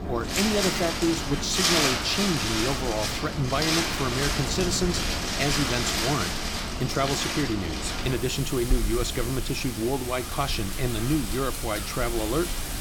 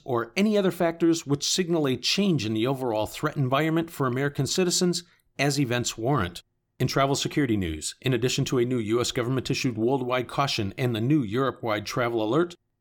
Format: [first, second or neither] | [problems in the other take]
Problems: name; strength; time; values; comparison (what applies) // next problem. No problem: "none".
second | wind in the background; very loud; throughout; as loud as the speech